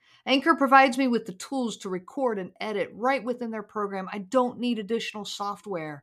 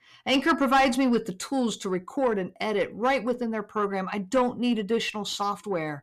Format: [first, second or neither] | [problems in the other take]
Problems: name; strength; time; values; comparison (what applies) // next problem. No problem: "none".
first | distortion; heavy; 7 dB below the speech